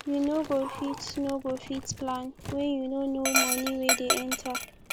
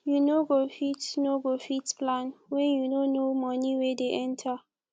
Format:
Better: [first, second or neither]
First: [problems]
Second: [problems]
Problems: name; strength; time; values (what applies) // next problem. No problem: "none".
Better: second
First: background sound (Dog); 2 dB below the speech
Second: none